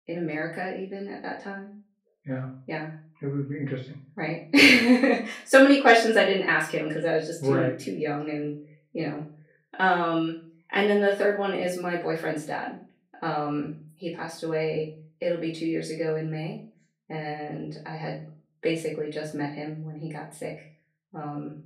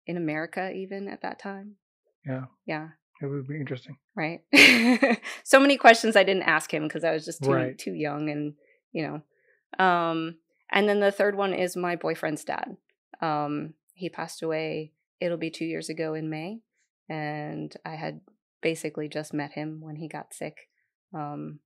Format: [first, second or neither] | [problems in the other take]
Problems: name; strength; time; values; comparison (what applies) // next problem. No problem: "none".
second | room echo; slight; dies away in 0.3 s // off-mic speech; far